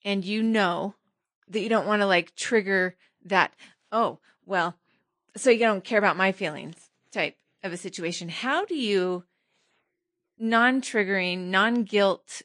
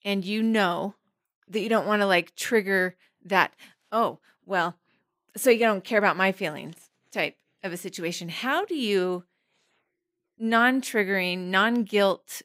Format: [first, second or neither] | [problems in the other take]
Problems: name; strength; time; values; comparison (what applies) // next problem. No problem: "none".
second | garbled, watery; slightly; nothing above 8.5 kHz